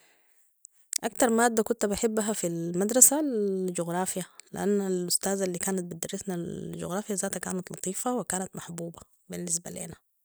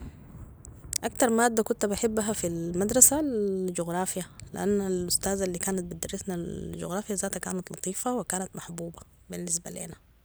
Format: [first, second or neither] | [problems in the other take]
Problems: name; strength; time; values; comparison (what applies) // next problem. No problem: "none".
first | background sound (Thunder / Rain); 19 dB below the speech